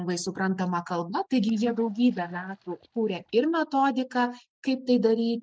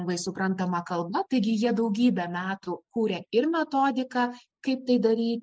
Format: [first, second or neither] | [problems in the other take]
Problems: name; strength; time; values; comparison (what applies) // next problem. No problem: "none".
second | noise reduction (neural mask model DeepFilterNet 3)